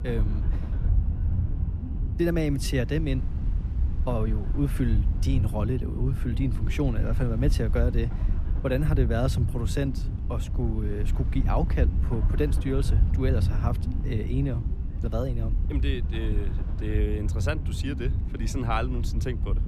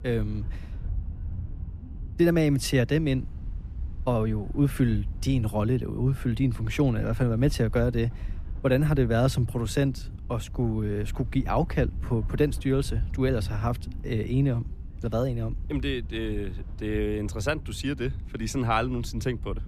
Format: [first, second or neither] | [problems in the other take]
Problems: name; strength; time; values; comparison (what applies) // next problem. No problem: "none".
second | low rumble; loud; throughout; 10 dB below the speech; faint in the second